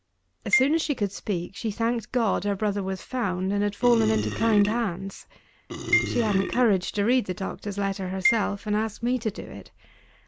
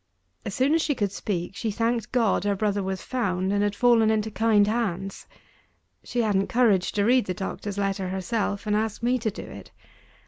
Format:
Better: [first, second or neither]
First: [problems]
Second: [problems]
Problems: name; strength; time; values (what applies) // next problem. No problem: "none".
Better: second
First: background sound (Marimba, xylophone + Burping, eructation); 6 dB below the speech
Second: none